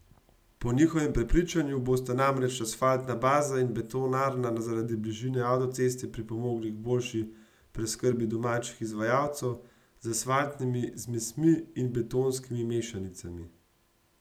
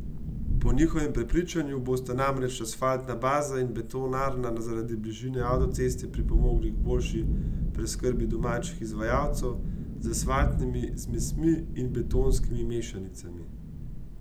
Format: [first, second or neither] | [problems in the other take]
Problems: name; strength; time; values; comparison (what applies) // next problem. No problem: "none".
first | background sound (Thunderstorm); 1 dB above the speech